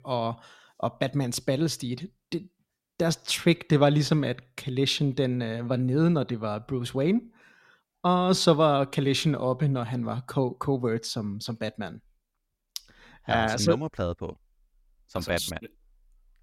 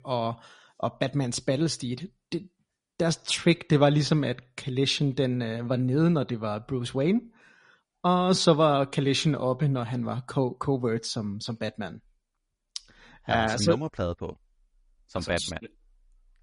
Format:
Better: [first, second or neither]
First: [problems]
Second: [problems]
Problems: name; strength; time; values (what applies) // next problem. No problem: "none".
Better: first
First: none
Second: garbled, watery; slightly; nothing above 10.5 kHz